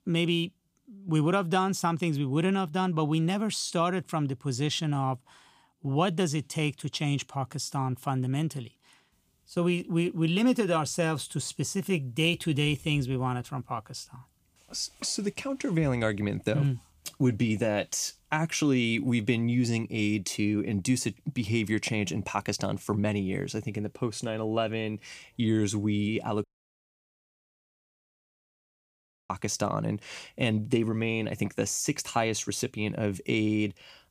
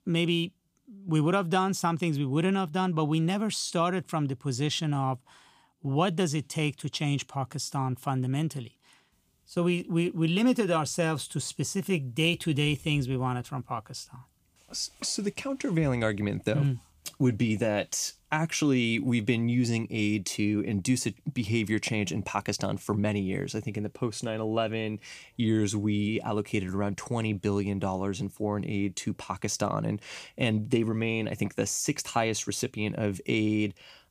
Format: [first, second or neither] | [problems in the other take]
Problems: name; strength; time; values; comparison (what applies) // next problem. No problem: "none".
second | audio cutting out; at 26 s for 3 s